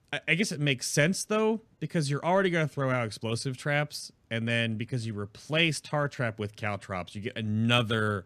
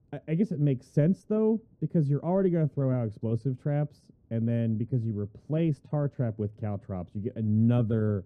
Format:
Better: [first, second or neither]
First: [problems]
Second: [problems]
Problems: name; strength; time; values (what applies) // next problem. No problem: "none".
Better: first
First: none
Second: muffled; very; fading above 1 kHz